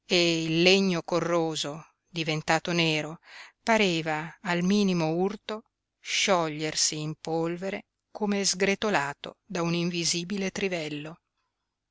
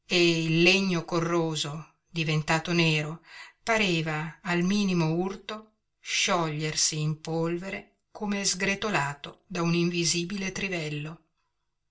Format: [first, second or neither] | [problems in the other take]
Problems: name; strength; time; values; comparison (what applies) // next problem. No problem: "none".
first | room echo; dies away in 0.2 s